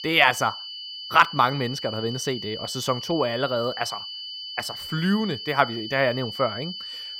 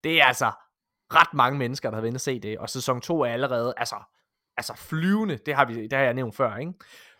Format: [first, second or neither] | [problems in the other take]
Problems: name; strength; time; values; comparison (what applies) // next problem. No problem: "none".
second | high-pitched whine; loud; throughout; 3 kHz, 9 dB below the speech